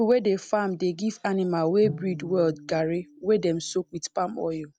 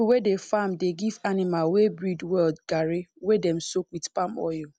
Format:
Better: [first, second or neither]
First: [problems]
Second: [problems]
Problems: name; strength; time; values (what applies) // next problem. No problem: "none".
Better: second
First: background sound (Bowed string instrument); 17 dB below the speech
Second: none